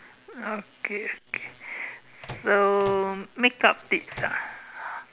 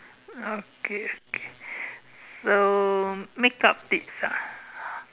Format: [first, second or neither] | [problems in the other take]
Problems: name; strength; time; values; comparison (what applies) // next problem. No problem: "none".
second | background sound (Microwave oven); 15 dB below the speech